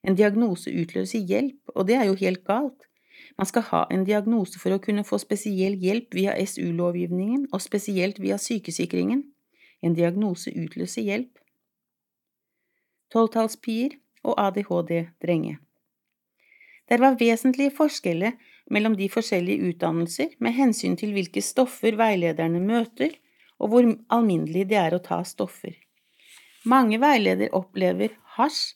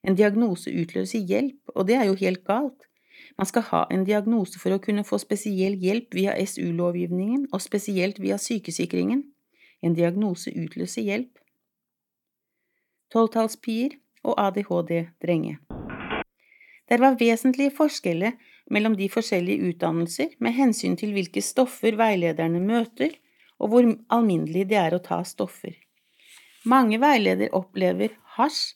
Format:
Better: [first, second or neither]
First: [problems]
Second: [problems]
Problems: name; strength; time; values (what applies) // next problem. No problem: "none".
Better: first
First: none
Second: phone ringing; noticeable; at 16 s; peak 7 dB below the speech